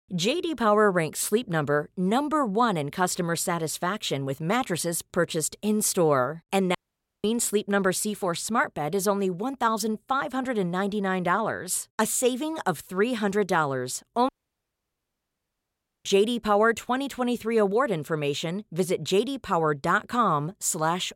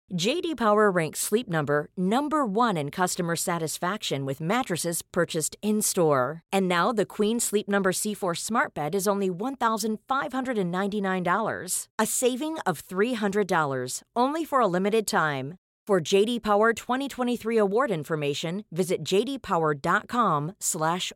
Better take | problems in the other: second | audio cutting out; at 7 s and at 14 s for 2 s

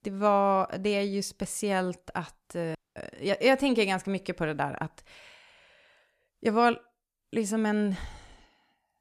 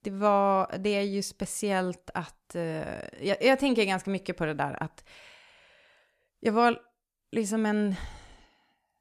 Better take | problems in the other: second | audio cutting out; at 3 s

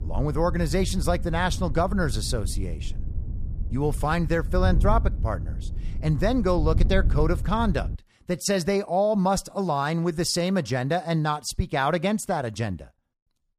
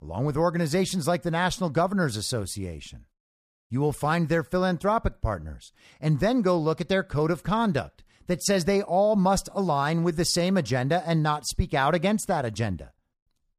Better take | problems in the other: second | wind noise on the microphone; occasional gusts; until 8 s; 20 dB below the speech

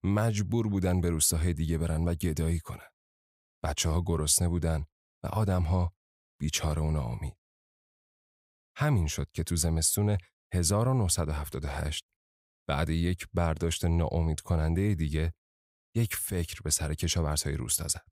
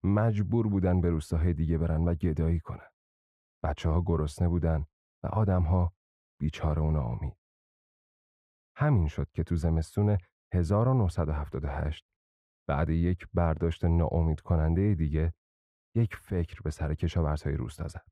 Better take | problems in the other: first | muffled; very; fading above 3.5 kHz

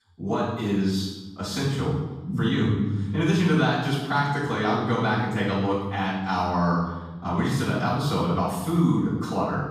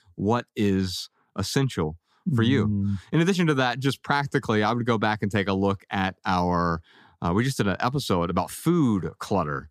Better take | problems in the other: second | off-mic speech; far // room echo; strong; dies away in 1 s

